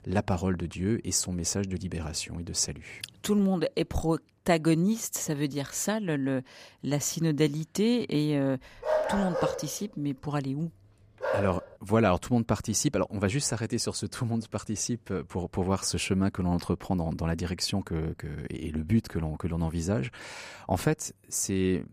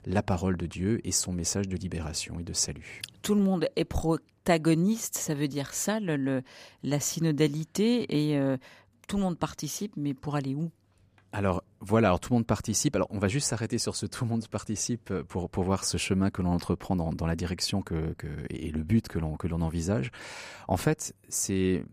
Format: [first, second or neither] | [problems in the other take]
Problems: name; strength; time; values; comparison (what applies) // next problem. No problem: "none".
second | dog barking; loud; from 9 to 12 s; peak 1 dB above the speech